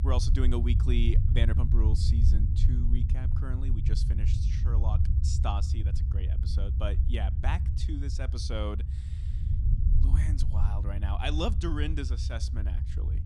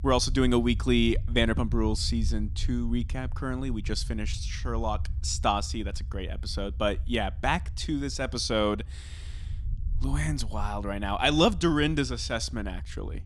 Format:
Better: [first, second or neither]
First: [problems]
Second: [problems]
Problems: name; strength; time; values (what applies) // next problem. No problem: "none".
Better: second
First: low rumble; loud; throughout; 6 dB below the speech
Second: low rumble; faint; throughout; 25 dB below the speech